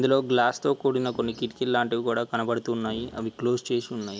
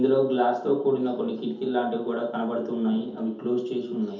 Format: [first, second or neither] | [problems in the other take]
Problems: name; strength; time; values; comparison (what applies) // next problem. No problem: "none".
first | room echo; dies away in 0.6 s